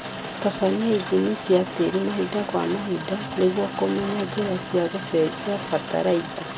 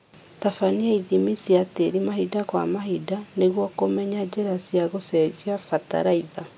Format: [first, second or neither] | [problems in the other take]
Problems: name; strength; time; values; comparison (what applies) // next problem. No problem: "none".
second | background sound (Rain); 9 dB below the speech